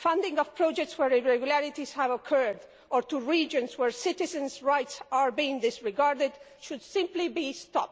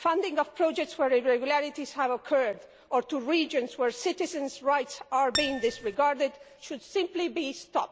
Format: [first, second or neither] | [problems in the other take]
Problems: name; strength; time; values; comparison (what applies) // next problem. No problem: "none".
first | background sound (Acoustic guitar); 6 dB below the speech